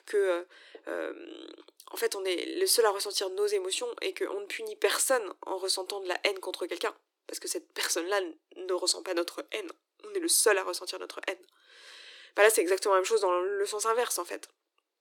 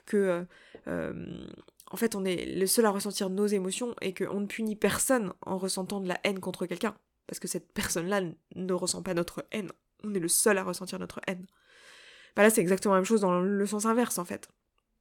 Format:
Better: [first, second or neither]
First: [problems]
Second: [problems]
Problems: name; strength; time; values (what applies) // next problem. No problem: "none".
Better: second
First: thin; very; fading below 300 Hz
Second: none